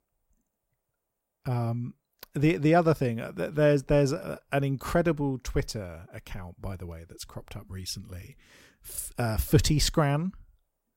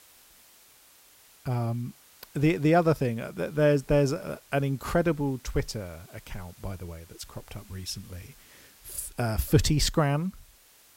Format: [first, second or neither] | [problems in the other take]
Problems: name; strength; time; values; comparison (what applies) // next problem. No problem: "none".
first | hiss; faint; throughout; 25 dB below the speech